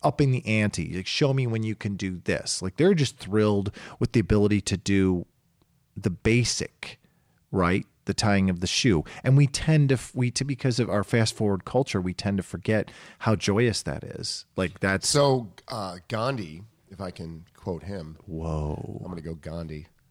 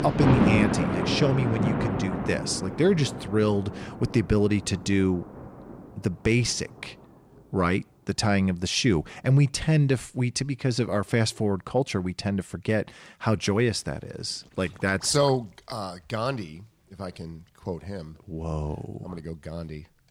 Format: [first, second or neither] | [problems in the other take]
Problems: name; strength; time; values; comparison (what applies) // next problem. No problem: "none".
first | rain or running water; loud; throughout; 3 dB below the speech